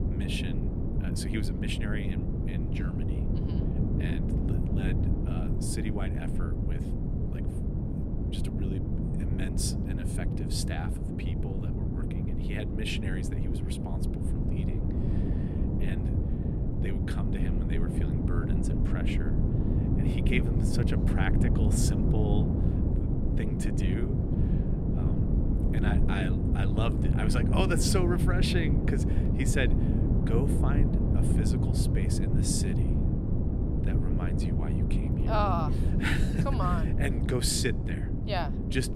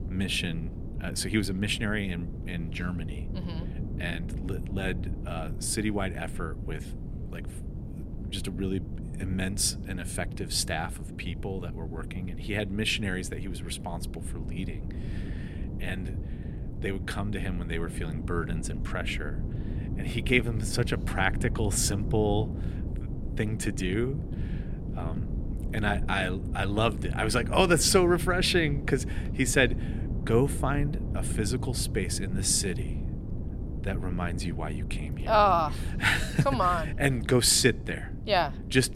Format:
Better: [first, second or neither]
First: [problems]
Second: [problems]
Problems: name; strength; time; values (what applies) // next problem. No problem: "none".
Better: second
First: wind noise on the microphone; heavy; 2 dB below the speech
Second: wind noise on the microphone; occasional gusts; 15 dB below the speech